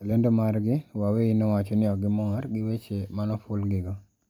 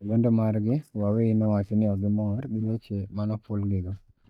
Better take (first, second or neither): first